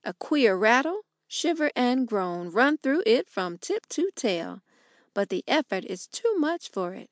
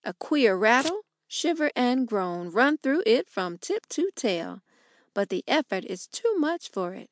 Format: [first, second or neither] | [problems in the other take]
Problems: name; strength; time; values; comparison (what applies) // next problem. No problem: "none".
first | noise reduction (neural mask model RNNoise)